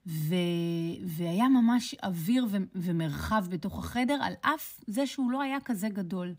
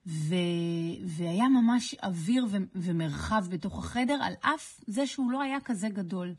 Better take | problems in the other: first | garbled, watery; badly; nothing above 10.5 kHz

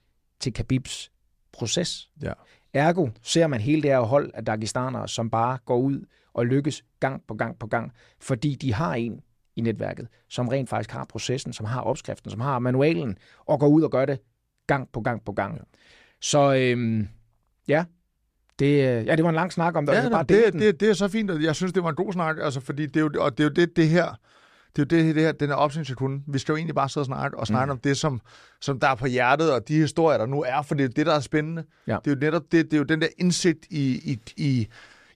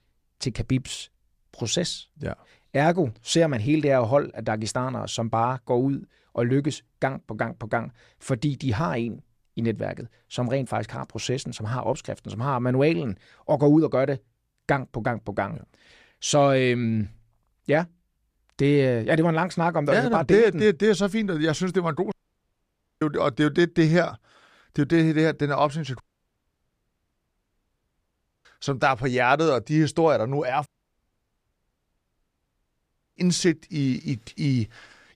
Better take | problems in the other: first | audio cutting out; at 22 s for 1 s, at 26 s for 2.5 s and at 31 s for 2.5 s

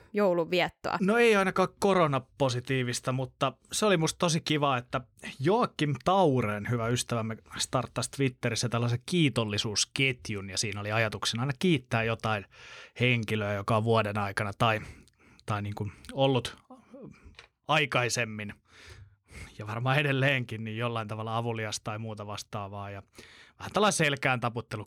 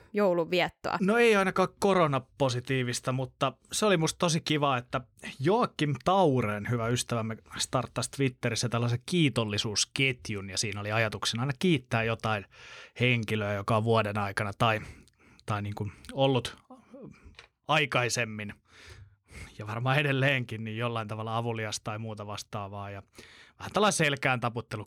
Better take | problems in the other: neither | none

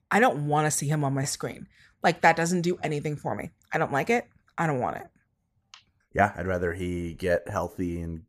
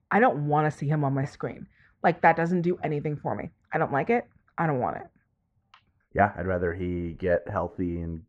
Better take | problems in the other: first | muffled; very; fading above 2 kHz

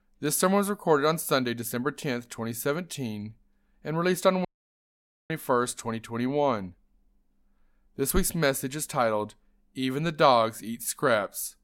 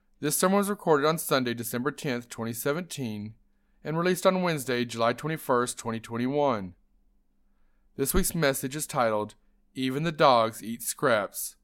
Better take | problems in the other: second | audio cutting out; at 4.5 s for 1 s

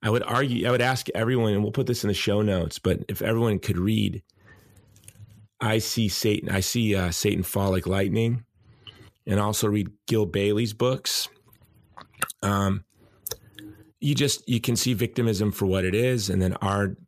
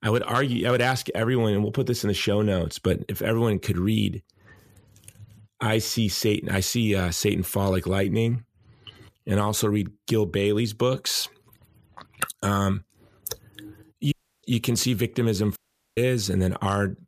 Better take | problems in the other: first | audio cutting out; at 14 s and at 16 s

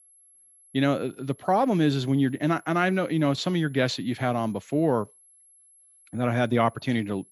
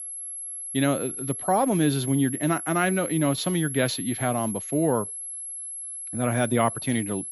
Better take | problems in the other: first | high-pitched whine; loud; throughout; 11 kHz, 7 dB below the speech; faint in the first

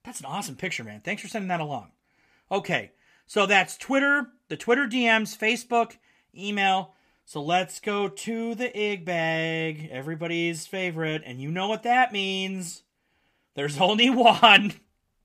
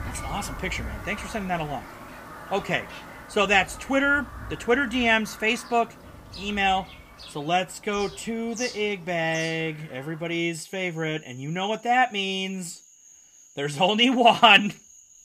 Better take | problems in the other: first | animal sounds; noticeable; throughout; 20 dB below the speech

